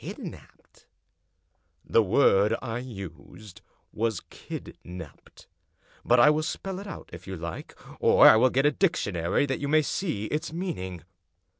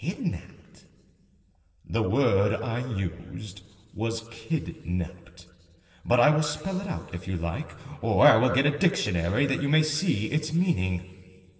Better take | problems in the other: first | room echo; dies away in 2 s

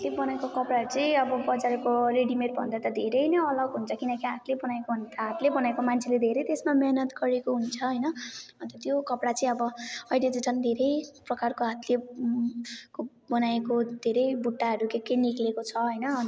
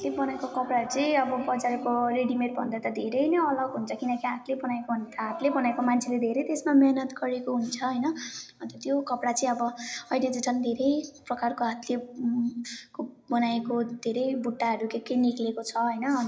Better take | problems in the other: first | room echo; dies away in 0.4 s

